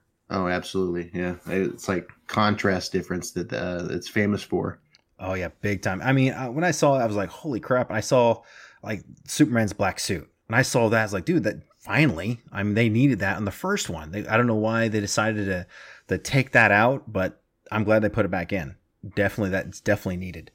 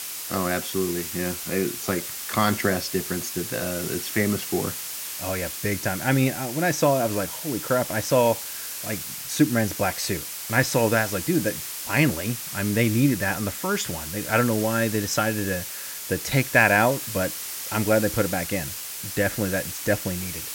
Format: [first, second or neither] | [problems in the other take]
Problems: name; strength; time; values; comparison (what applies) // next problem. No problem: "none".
first | hiss; loud; throughout; 6 dB below the speech